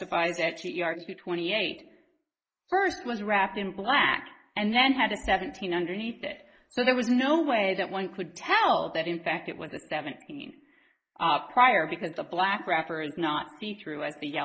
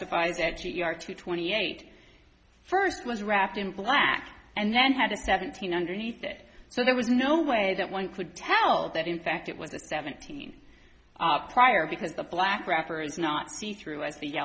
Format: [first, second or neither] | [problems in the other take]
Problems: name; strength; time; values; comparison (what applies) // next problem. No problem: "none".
second | noise reduction (neural mask model Resemble Enhance denoiser)